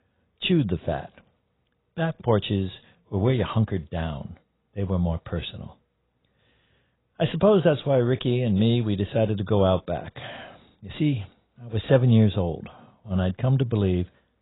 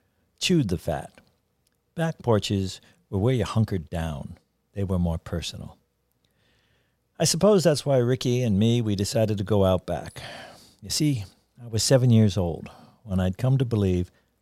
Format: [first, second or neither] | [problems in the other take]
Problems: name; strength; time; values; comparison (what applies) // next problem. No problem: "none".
second | garbled, watery; badly; nothing above 4 kHz